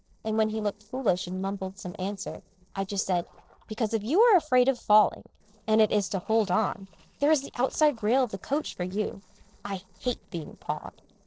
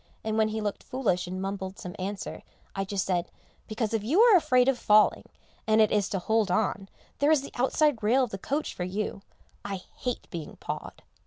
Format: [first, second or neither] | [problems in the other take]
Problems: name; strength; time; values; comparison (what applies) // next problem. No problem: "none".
second | noise reduction (neural separator model SepFormer DNS4)